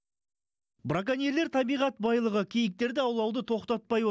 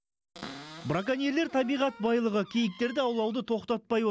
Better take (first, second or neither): first